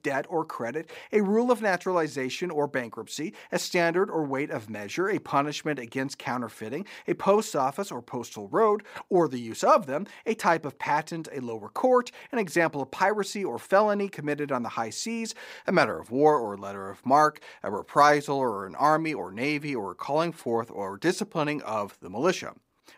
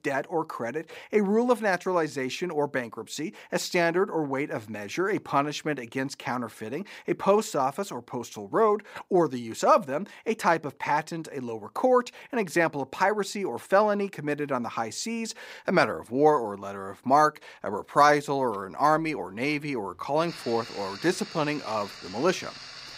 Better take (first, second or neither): first